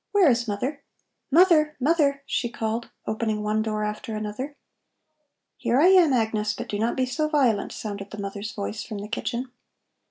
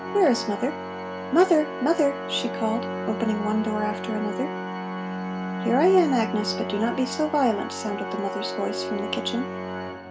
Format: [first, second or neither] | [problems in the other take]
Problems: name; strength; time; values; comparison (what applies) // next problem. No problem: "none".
first | background sound (Organ); 6 dB below the speech